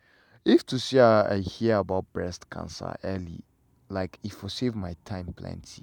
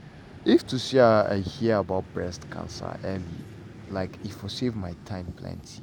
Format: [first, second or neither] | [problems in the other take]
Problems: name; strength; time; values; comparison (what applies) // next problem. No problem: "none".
first | background sound (Vehicle); 16 dB below the speech